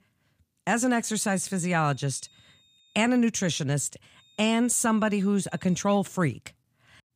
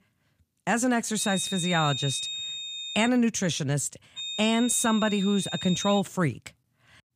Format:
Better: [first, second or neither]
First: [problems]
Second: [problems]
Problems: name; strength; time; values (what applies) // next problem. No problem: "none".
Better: first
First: high-pitched whine; faint; from 1 to 3 s and from 4 to 6 s; 3.5 kHz, 35 dB below the speech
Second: high-pitched whine; loud; from 1 to 3 s and from 4 to 6 s; 3.5 kHz, 6 dB below the speech